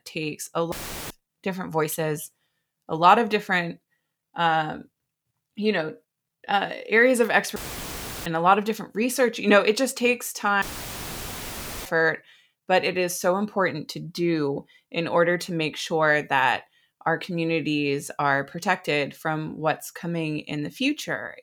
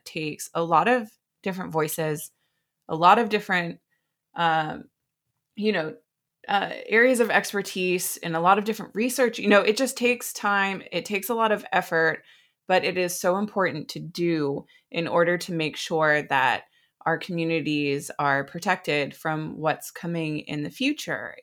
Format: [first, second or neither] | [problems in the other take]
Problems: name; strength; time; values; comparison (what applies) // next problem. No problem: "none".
second | audio cutting out; filled with static; at 0.5 s, at 7.5 s for 0.5 s and at 11 s for 1 s